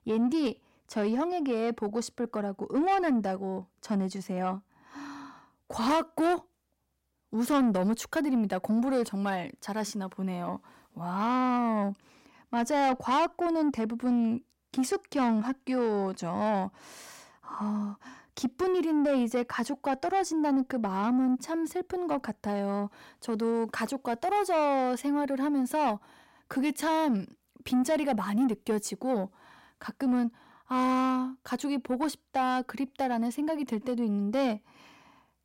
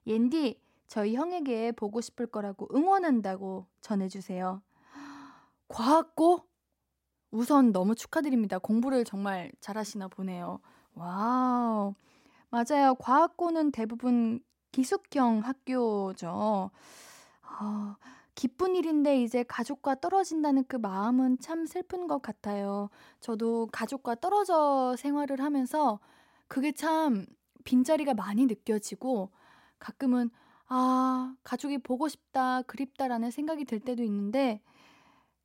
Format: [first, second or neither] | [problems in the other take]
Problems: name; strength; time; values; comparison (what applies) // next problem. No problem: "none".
second | distortion; slight; 10 dB below the speech